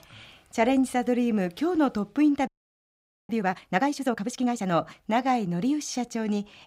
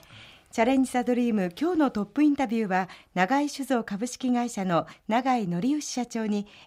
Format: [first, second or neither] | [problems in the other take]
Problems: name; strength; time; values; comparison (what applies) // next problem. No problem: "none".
second | audio freezing; at 2.5 s for 1 s